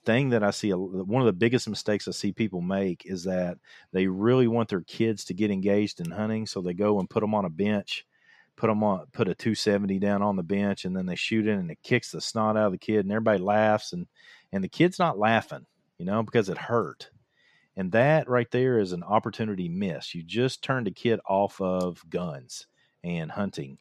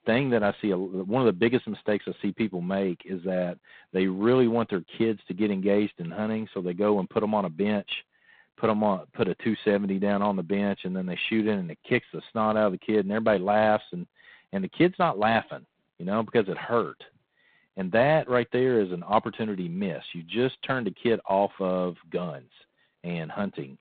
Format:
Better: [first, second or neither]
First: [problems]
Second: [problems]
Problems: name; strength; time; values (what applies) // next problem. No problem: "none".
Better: first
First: none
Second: phone-call audio; poor line; nothing above 4 kHz